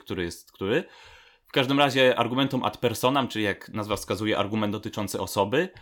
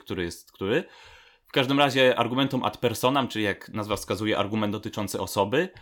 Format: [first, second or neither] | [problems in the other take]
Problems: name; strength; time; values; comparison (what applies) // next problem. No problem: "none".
neither | none